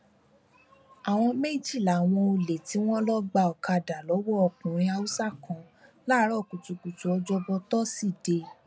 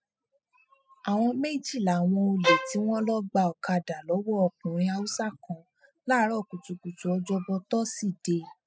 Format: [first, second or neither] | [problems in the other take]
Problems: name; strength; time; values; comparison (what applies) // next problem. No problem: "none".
first | noise reduction (classical method spectral subtraction)